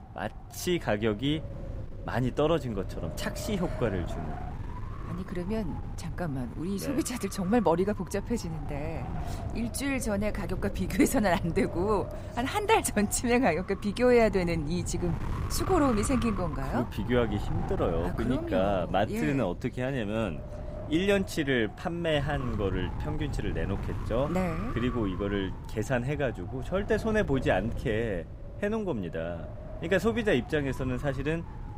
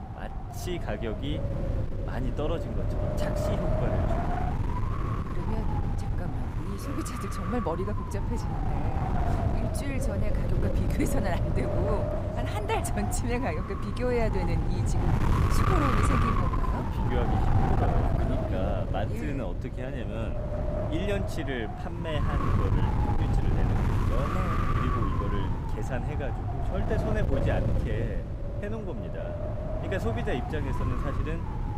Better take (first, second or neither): first